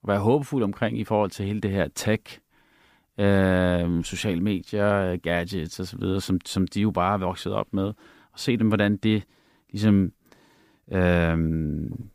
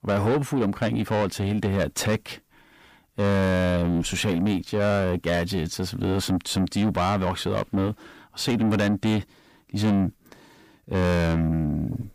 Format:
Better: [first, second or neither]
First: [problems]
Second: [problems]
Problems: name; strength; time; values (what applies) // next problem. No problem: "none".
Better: first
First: none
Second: distortion; heavy; 8 dB below the speech